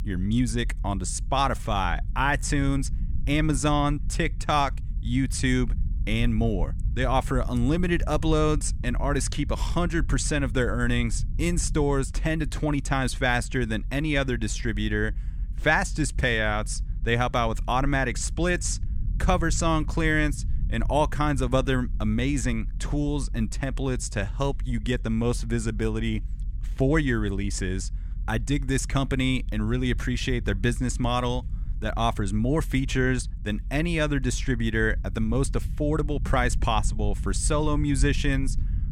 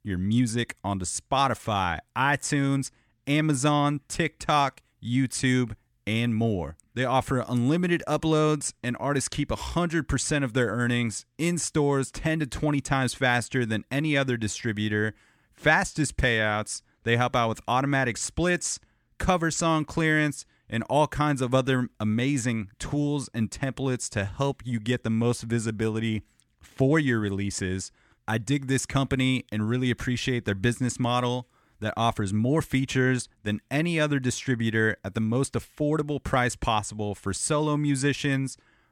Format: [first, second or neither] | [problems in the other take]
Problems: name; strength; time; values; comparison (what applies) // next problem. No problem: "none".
second | low rumble; faint; throughout; 25 dB below the speech